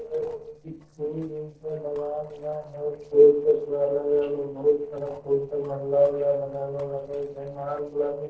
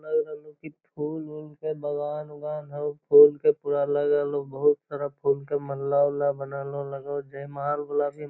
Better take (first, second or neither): second